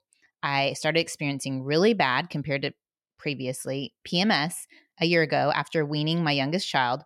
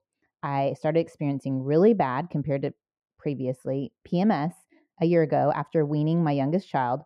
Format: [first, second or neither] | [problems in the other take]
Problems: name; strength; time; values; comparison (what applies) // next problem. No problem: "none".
first | muffled; very; fading above 1.5 kHz